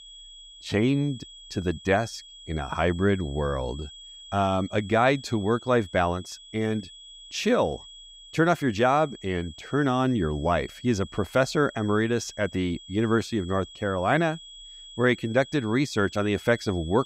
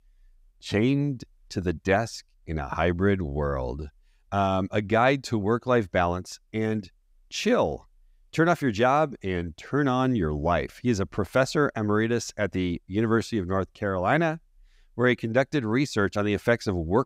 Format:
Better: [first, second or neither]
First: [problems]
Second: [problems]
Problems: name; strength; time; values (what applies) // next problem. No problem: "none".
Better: second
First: high-pitched whine; noticeable; throughout; 3.5 kHz, 20 dB below the speech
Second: none